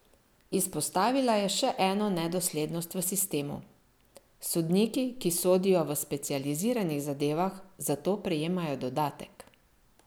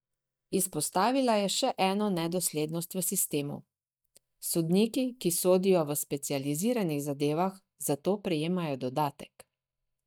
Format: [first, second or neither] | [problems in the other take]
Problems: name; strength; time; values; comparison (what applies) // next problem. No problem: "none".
first | noise reduction (neural mask model DeepFilterNet 3)